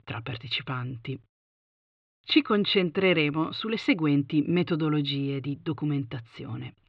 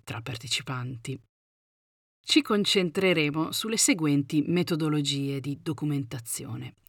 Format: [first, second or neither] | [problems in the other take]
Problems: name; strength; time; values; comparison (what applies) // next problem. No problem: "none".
second | muffled; slightly; fading above 3.5 kHz